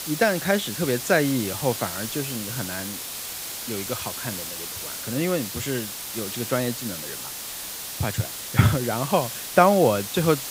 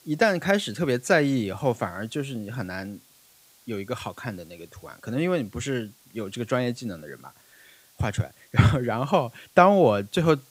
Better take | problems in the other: second | hiss; loud; throughout; 6 dB below the speech; faint in the second

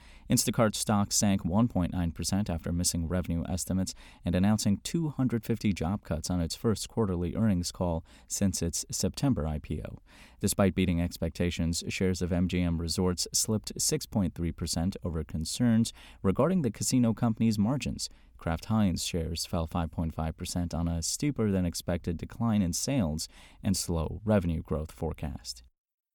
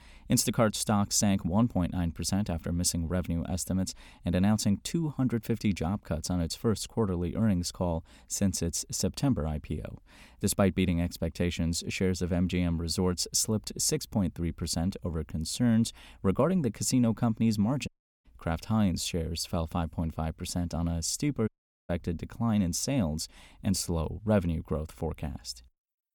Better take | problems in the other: first | audio cutting out; at 18 s and at 21 s

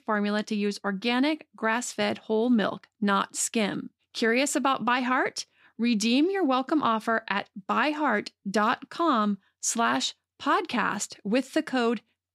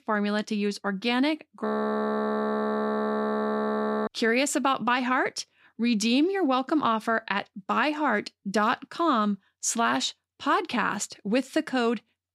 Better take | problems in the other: first | audio freezing; at 1.5 s for 2.5 s

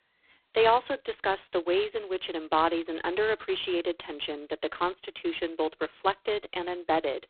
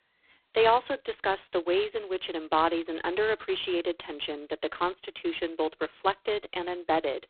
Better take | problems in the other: neither | phone-call audio; poor line; nothing above 4 kHz; the same in both

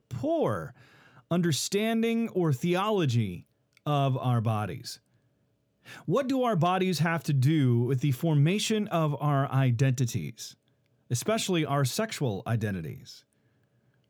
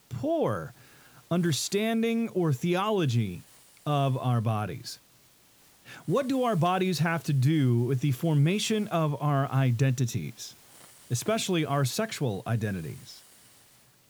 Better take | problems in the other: first | hiss; faint; throughout; 25 dB below the speech

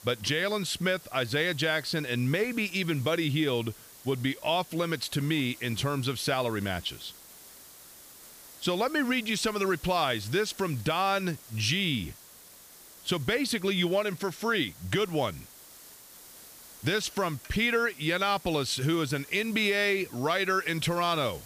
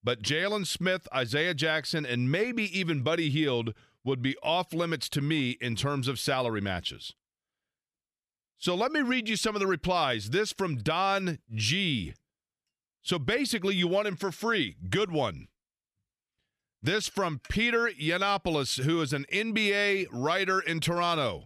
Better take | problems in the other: second | hiss; noticeable; throughout; 20 dB below the speech

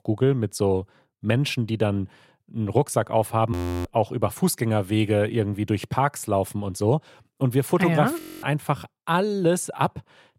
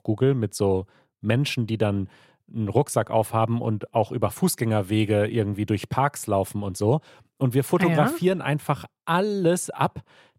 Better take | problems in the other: second | audio freezing; at 3.5 s and at 8 s

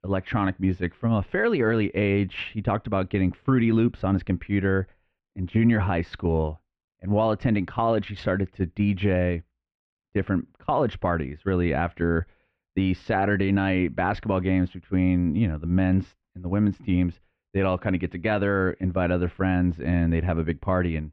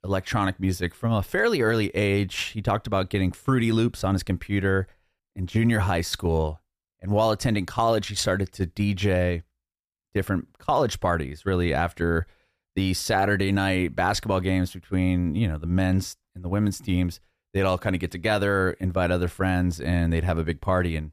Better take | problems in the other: second | muffled; very; fading above 2.5 kHz

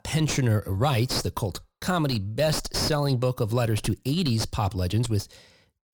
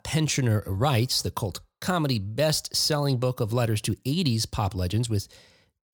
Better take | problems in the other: second | distortion; slight; 5 dB below the speech

